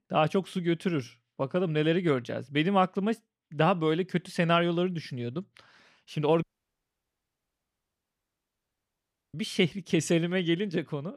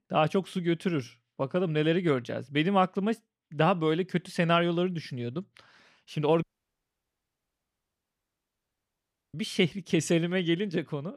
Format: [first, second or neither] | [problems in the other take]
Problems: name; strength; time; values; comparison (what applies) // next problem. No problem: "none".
neither | audio cutting out; at 6.5 s for 3 s; the same in both